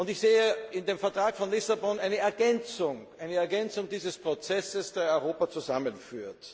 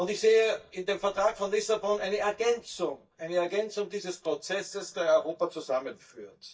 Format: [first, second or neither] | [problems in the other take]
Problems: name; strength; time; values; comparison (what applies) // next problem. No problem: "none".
first | noise reduction (neural mask model DeepFilterNet 3)